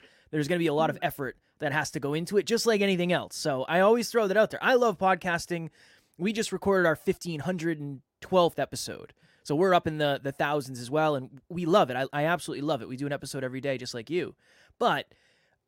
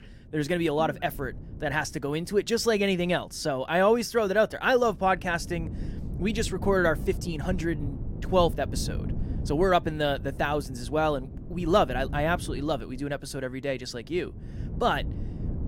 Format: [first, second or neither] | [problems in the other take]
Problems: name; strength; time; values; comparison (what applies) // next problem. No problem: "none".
first | wind noise on the microphone; occasional gusts; 20 dB below the speech